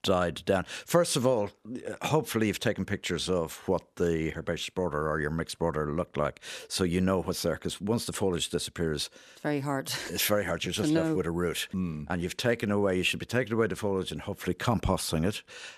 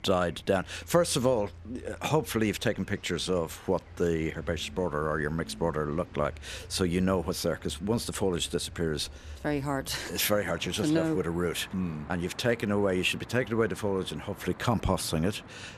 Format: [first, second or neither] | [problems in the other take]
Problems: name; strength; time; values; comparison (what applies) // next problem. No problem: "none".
first | traffic noise; noticeable; throughout; 20 dB below the speech